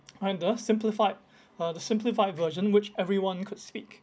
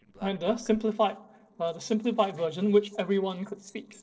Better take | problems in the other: first | noise reduction (neural separator model SepFormer DNS4)

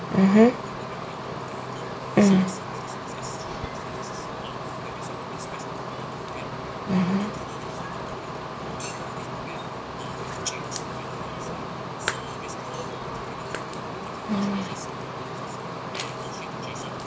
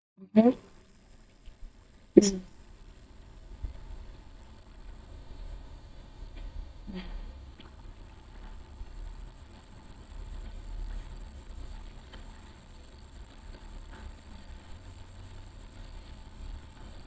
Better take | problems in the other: first | noise reduction (neural mask model DeepFilterNet 3)

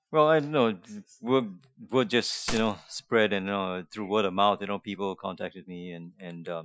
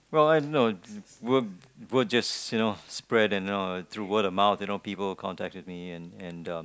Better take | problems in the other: second | noise reduction (classical method Wiener filter)

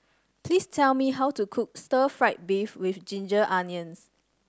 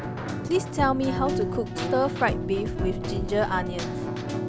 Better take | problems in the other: first | background sound (Keyboard (musical)); 1 dB below the speech

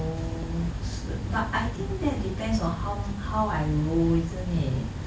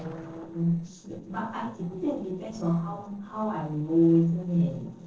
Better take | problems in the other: first | noise reduction (neural separator model SepFormer DNS4)

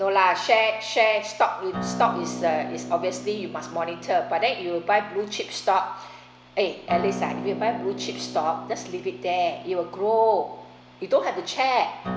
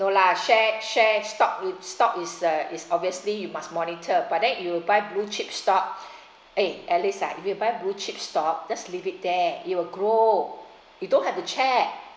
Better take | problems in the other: second | background sound (Acoustic guitar); 12 dB below the speech

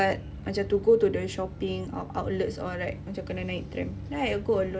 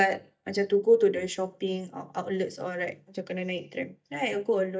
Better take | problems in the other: first | noise reduction (neural mask model DeepFilterNet 3)

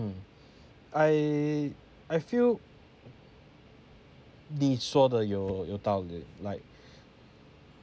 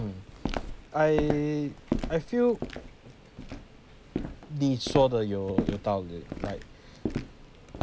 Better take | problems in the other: first | background sound (Walk, footsteps); 5 dB below the speech

